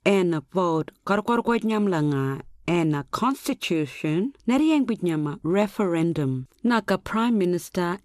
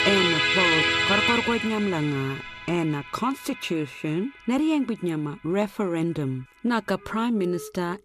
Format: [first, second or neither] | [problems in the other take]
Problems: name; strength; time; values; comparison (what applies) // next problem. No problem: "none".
first | background music; very loud; throughout; 4 dB above the speech